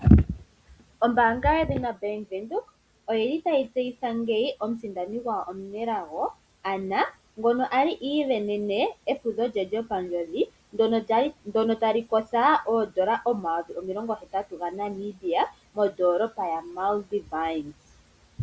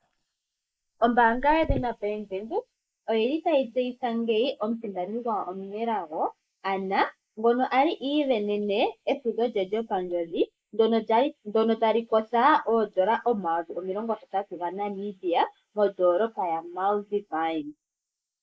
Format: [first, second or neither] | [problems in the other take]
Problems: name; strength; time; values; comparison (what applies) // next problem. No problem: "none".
first | noise reduction (neural mask model Resemble Enhance denoiser)